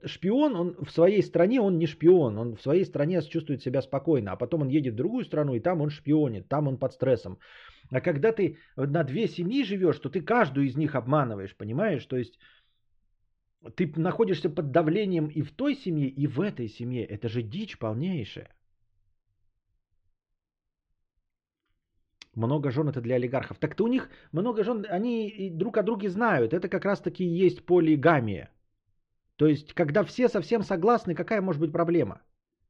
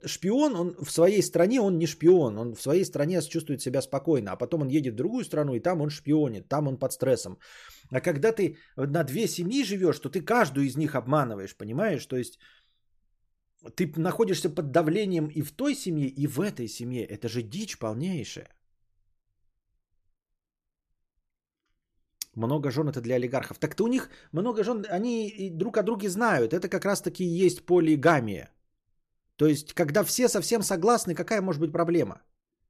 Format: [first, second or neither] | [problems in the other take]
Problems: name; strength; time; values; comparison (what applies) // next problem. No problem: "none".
second | muffled; slightly; fading above 3.5 kHz